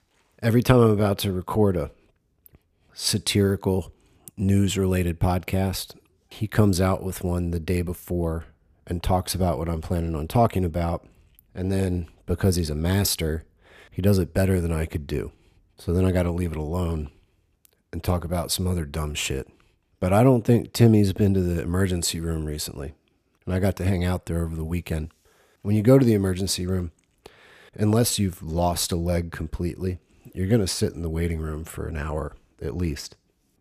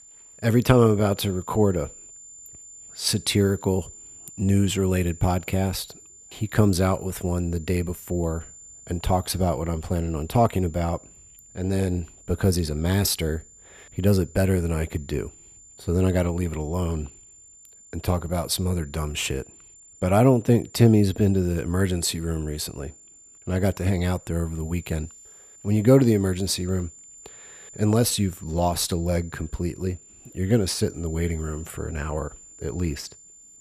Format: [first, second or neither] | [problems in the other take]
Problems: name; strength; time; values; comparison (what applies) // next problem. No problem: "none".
first | high-pitched whine; faint; throughout; 7 kHz, 20 dB below the speech